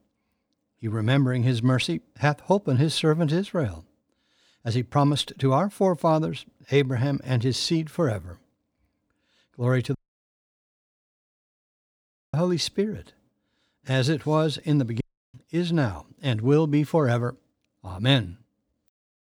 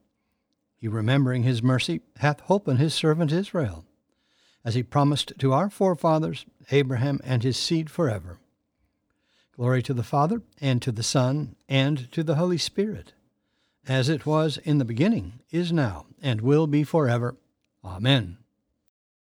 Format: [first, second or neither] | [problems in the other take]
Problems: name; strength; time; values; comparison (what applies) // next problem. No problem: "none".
second | audio cutting out; at 10 s for 2.5 s and at 15 s